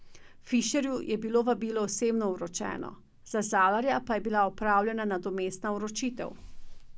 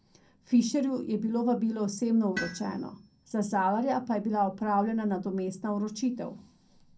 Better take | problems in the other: first | background sound (Tools); 16 dB below the speech // room echo; dies away in 0.2 s

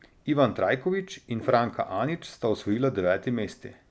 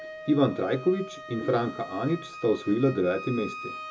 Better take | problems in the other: first | background sound (Wind instrument, woodwind instrument); 13 dB below the speech // room echo; dies away in 0.2 s

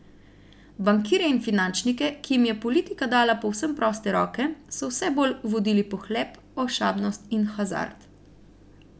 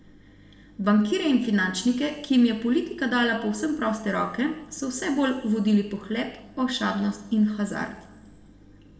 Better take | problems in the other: first | room echo; dies away in 0.9 s

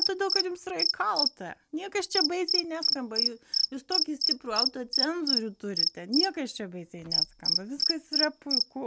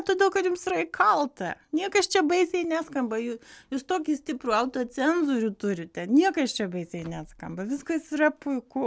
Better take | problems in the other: second | background sound (Cricket); 3 dB above the speech

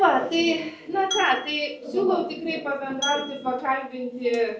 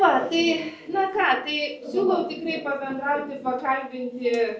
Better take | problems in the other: second | background sound (Glass); 12 dB below the speech

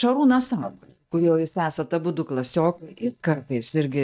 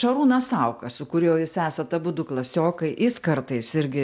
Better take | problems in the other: second | noise reduction (neural mask model DeepFilterNet 3)

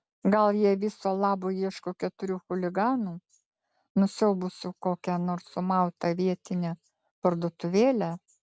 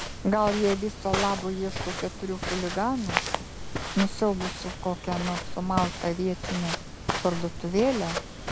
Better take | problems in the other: first | background sound (Walk, footsteps); 5 dB below the speech

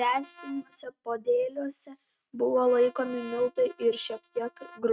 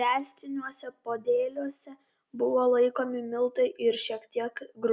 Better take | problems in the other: second | noise reduction (neural mask model RNNoise)

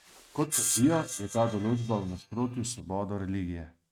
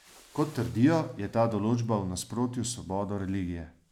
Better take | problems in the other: second | noise reduction (neural mask model RNNoise)

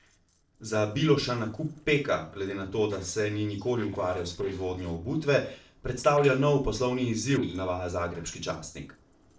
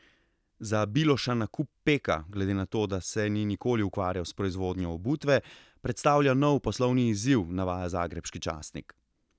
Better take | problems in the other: second | noise reduction (neural separator model SepFormer DNS4)

